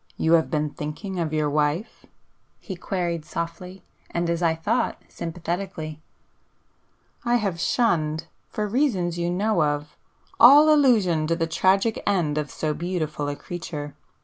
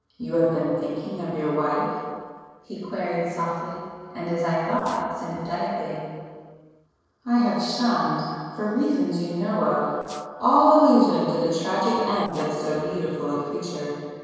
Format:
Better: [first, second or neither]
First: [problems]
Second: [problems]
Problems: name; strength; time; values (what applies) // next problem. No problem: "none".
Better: first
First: none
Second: noise reduction (neural separator model SepFormer DNS4)